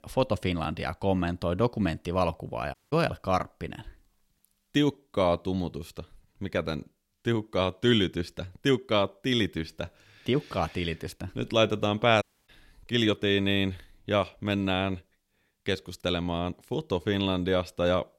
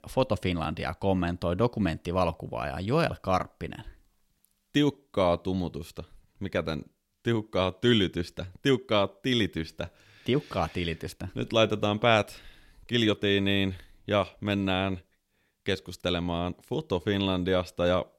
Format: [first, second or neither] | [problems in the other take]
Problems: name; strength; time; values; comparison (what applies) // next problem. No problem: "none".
second | audio cutting out; at 2.5 s and at 12 s